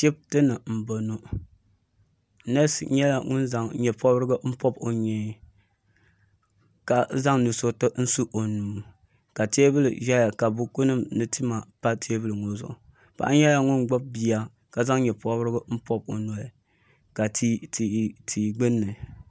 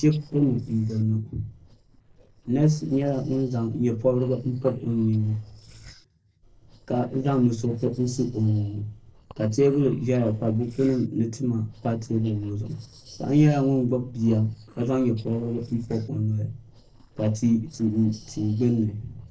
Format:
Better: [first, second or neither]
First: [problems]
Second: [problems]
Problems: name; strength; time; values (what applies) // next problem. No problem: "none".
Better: first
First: none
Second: noise reduction (neural separator model SepFormer DNS4)